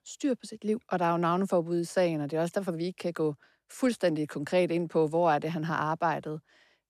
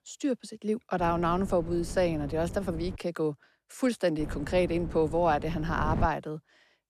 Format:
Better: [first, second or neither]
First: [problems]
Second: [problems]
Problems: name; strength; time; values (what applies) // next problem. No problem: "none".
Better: first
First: none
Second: wind noise on the microphone; occasional gusts; from 1 to 3 s and from 4 to 6 s; 15 dB below the speech